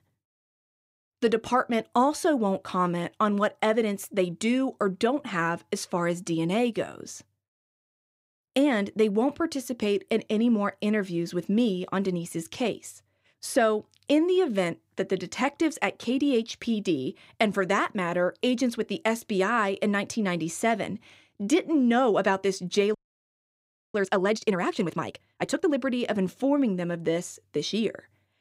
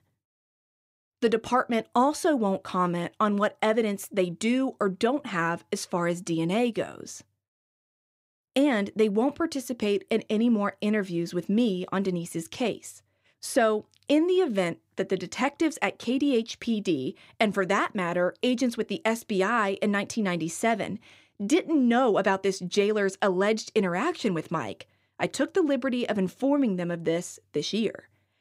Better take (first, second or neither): second